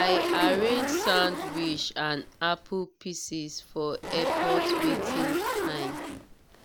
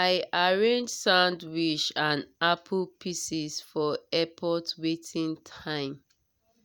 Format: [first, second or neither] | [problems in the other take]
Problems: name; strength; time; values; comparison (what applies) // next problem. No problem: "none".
second | background sound (Zipper (clothing)); as loud as the speech